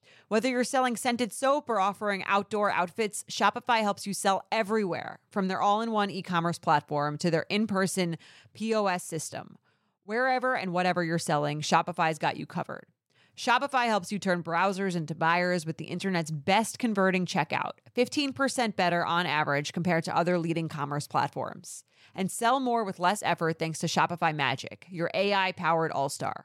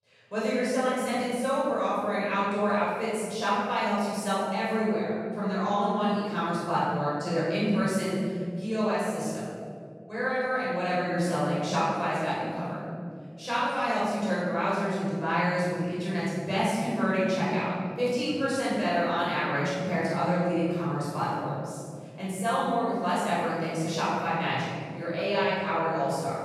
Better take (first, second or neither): first